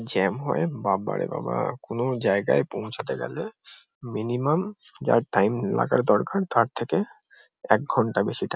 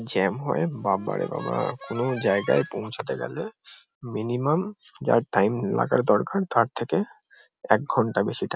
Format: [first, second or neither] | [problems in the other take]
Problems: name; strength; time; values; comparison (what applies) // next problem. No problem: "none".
first | background sound (Harmonica); 16 dB below the speech